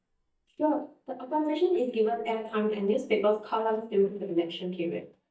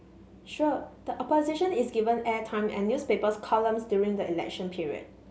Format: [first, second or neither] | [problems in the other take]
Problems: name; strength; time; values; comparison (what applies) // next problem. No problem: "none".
second | noise reduction (neural mask model DeepFilterNet 3)